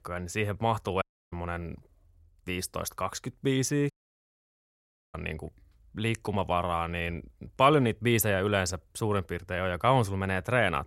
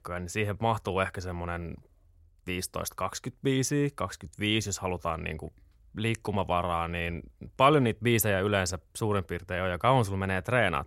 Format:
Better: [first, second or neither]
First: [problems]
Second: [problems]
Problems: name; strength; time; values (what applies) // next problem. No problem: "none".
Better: second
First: audio cutting out; at 1 s and at 4 s for 1 s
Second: none